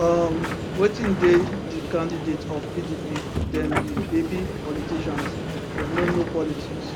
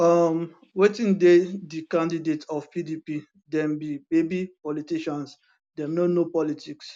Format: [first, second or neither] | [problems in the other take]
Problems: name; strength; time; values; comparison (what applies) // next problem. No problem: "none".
second | background sound (Subway, metro, underground); 3 dB below the speech